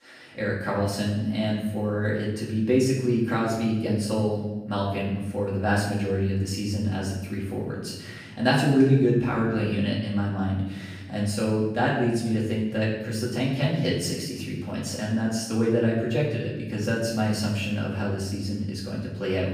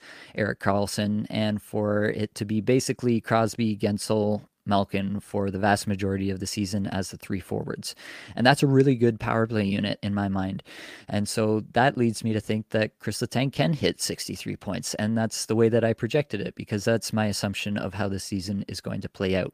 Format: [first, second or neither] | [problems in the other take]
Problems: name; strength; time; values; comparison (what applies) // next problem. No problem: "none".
second | off-mic speech; far // room echo; noticeable; dies away in 1.1 s